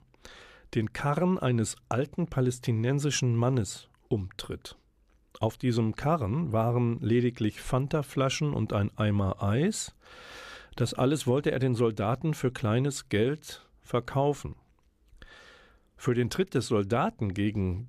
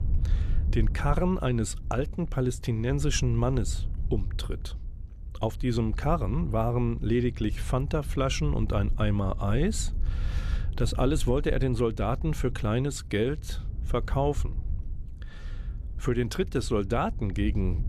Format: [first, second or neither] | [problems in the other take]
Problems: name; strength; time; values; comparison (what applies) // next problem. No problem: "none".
first | wind noise on the microphone; occasional gusts; 20 dB below the speech